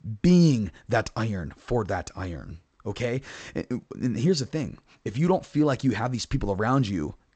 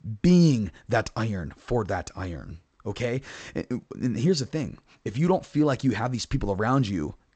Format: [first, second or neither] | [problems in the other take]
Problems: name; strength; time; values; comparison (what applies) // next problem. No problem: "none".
neither | garbled, watery; slightly; nothing above 7.5 kHz; the same in both